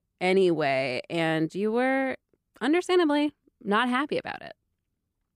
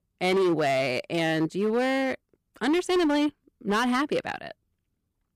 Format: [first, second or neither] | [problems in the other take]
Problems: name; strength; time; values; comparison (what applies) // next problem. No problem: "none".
first | distortion; slight; 12% of the sound clipped